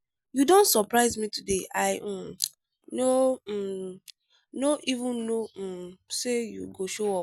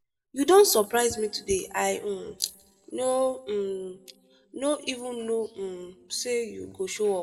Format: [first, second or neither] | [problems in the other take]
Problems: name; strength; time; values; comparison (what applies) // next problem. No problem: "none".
first | room echo; dies away in 0.6 s